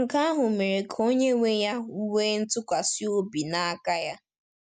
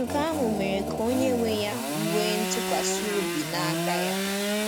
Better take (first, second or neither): first